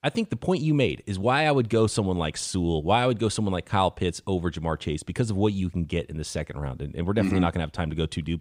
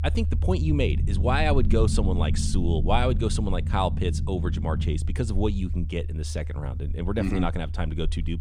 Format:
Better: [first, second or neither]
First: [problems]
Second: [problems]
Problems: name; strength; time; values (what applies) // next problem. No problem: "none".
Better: first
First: none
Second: low rumble; noticeable; throughout; 15 dB below the speech